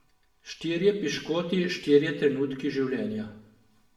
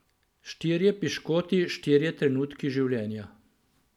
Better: second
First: room echo; dies away in 0.7 s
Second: none

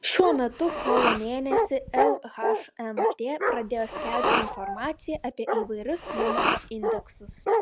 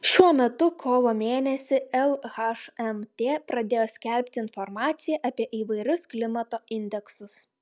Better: second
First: background sound (Bark + Respiratory sounds); 2 dB above the speech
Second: none

